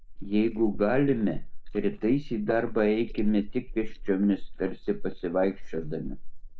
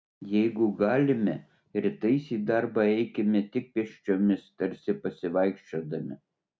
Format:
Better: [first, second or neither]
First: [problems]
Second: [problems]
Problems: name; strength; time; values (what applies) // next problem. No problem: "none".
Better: second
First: noise reduction (neural mask model Resemble Enhance denoiser)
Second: none